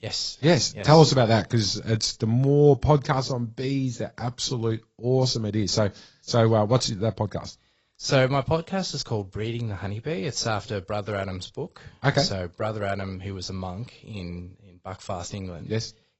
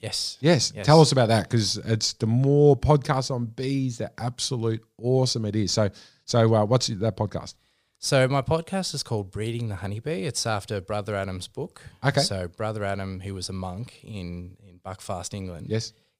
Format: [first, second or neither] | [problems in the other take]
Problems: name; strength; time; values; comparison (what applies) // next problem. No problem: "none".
second | garbled, watery; badly; nothing above 7.5 kHz